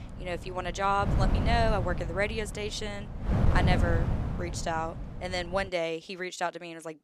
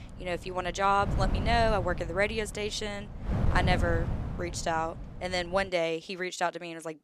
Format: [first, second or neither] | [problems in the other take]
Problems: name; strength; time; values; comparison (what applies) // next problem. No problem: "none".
second | wind noise on the microphone; heavy; until 5.5 s; 9 dB below the speech; occasional gusts in the second